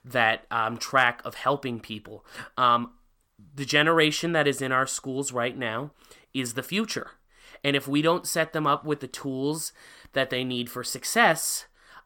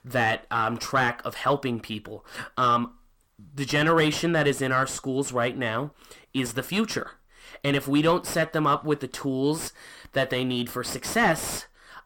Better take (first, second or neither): first